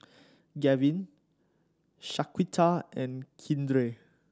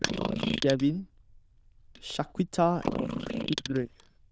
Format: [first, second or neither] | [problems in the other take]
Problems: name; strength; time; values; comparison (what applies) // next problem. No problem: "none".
first | noise reduction (neural diffusion model UNIVERSE++)